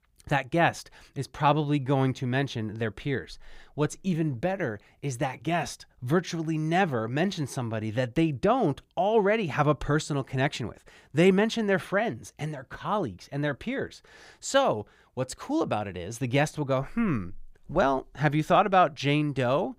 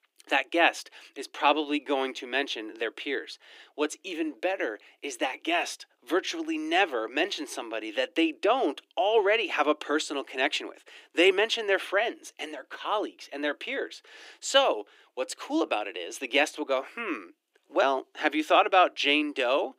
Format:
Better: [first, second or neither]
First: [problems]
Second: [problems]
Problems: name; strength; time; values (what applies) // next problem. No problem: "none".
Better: first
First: none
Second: thin; somewhat; fading below 300 Hz